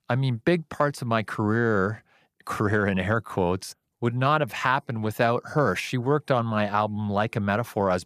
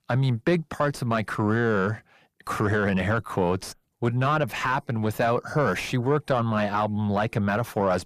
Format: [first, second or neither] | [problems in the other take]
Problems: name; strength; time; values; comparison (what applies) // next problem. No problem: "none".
first | distortion; slight; 10 dB below the speech